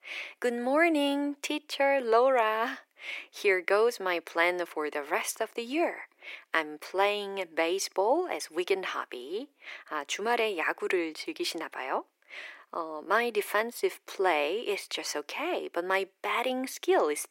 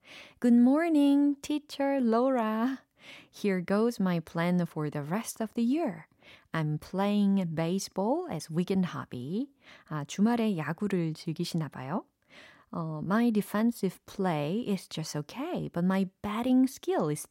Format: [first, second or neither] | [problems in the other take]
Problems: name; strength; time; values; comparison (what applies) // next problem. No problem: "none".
second | thin; very; fading below 350 Hz